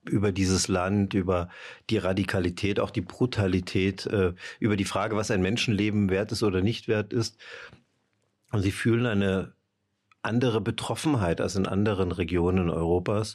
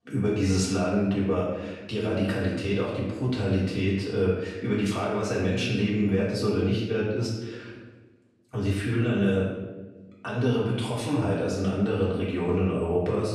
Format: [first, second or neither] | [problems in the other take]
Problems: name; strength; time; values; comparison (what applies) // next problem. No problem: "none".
first | room echo; noticeable; dies away in 1 s // off-mic speech; far